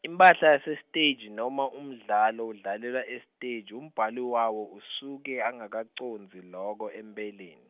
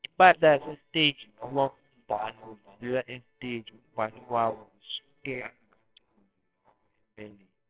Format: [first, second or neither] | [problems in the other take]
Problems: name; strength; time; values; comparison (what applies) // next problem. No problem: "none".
first | noise reduction (neural separator model SepFormer WHAMR!)